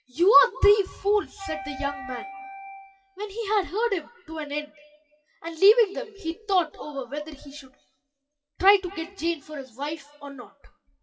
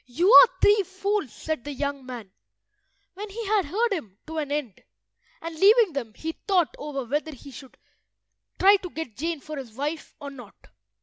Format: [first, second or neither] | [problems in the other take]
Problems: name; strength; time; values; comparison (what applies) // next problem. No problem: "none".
second | noise reduction (classical method WPE with log-MMSE)